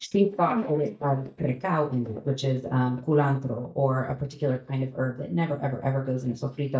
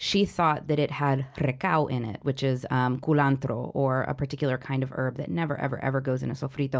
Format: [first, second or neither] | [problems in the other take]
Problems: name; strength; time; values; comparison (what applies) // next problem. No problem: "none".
second | noise reduction (neural mask model DeepFilterNet 3)